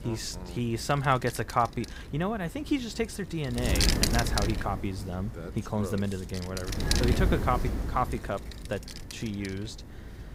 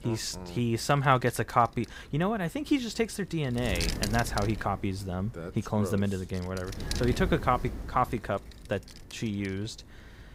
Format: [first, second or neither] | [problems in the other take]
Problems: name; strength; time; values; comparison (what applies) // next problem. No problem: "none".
second | wind noise on the microphone; heavy; 3 dB below the speech; occasional gusts in the second